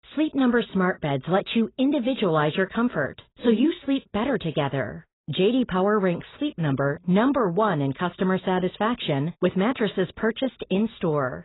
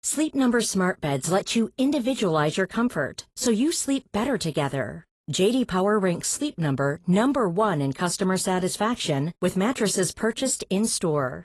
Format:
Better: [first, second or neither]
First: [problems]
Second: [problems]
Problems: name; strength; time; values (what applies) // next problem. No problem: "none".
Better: second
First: garbled, watery; badly; nothing above 4 kHz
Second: garbled, watery; slightly; nothing above 11.5 kHz